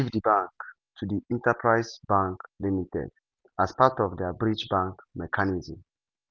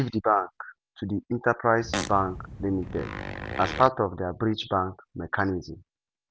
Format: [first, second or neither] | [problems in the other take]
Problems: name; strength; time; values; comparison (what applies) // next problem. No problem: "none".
first | background sound (Fart); 7 dB below the speech